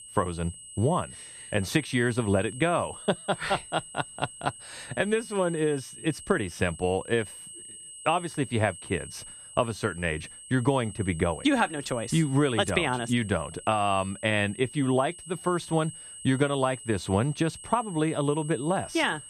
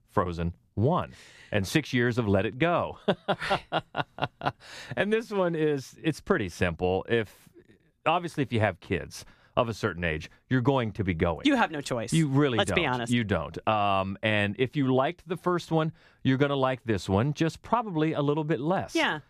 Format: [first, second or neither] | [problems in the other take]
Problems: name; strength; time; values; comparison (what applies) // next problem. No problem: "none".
second | high-pitched whine; noticeable; throughout; 8 kHz, 15 dB below the speech